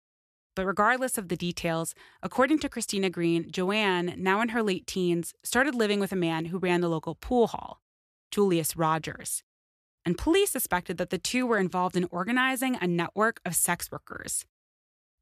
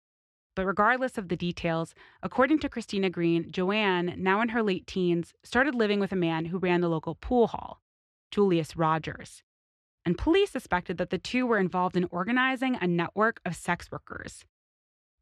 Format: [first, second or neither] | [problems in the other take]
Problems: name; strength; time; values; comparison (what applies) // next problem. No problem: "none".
first | muffled; slightly; fading above 3.5 kHz